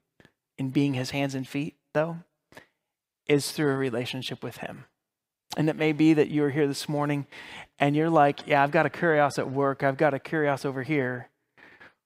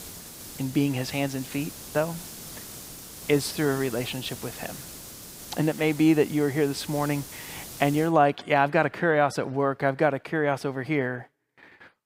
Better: first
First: none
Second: hiss; noticeable; until 8 s; 15 dB below the speech

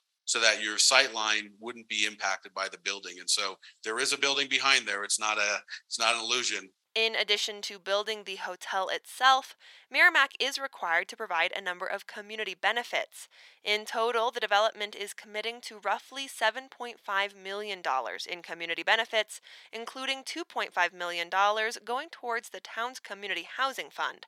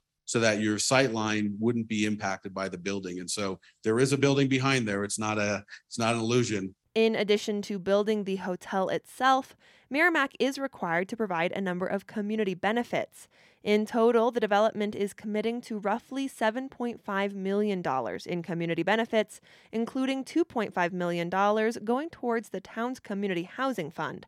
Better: second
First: thin; very; fading below 850 Hz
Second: none

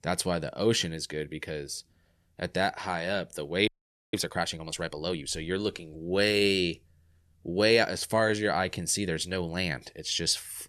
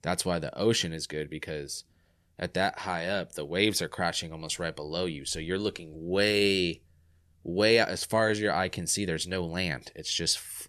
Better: second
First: audio freezing; at 3.5 s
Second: none

